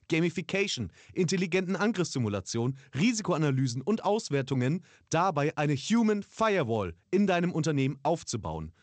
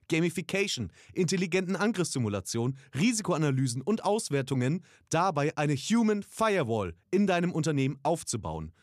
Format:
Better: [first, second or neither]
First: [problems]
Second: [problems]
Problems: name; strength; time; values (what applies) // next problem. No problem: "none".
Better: second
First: garbled, watery; slightly; nothing above 8 kHz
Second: none